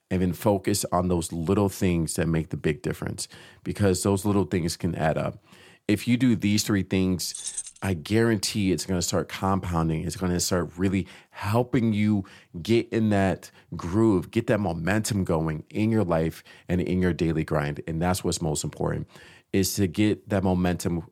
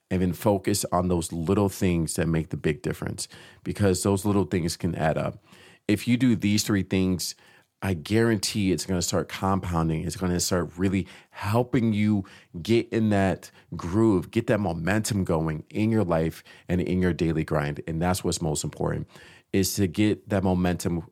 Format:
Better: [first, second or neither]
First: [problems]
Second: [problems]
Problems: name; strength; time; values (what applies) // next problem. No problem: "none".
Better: second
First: jangling keys; noticeable; at 7.5 s; peak 6 dB below the speech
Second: none